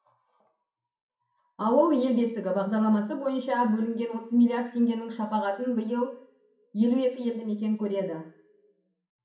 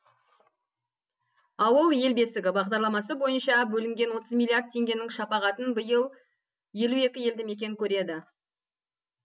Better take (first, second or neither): second